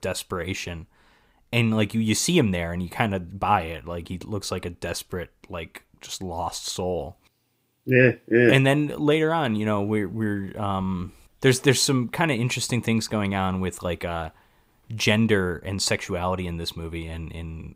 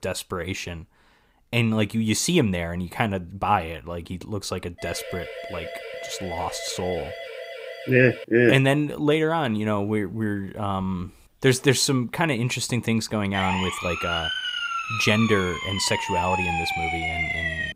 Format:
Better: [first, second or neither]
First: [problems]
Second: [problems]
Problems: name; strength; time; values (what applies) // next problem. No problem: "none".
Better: first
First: none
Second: siren; faint; from 5 to 8.5 s; peak 10 dB below the speech // siren; noticeable; from 13 s on; peak level with the speech